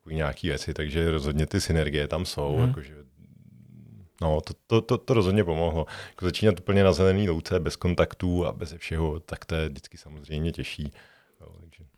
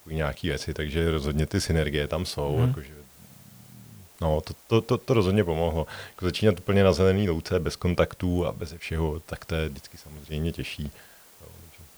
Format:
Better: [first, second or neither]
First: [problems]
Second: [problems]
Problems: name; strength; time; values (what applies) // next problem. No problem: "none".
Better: first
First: none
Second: hiss; faint; throughout; 25 dB below the speech